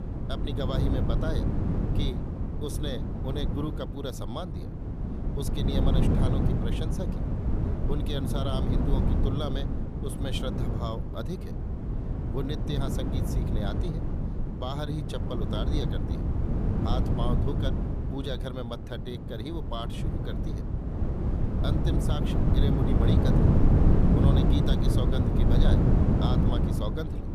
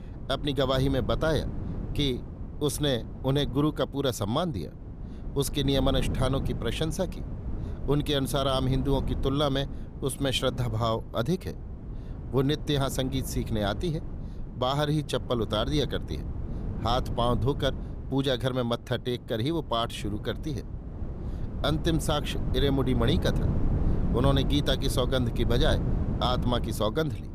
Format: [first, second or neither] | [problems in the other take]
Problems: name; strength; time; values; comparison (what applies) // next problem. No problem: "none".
second | wind noise on the microphone; heavy; 1 dB above the speech; occasional gusts in the second